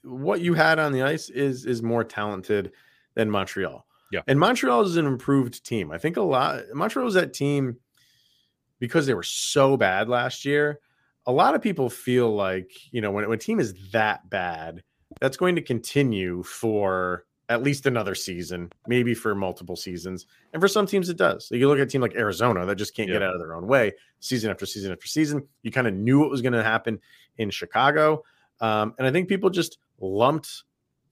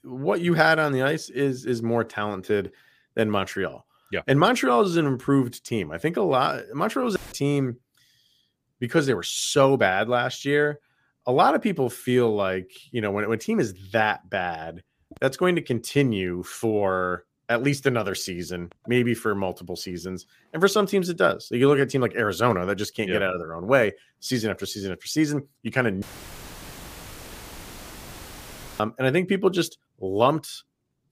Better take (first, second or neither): first